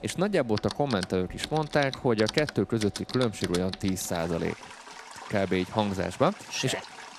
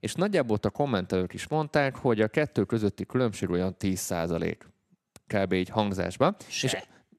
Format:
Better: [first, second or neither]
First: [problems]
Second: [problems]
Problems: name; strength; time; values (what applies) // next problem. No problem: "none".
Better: second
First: household noises; noticeable; throughout; 10 dB below the speech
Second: none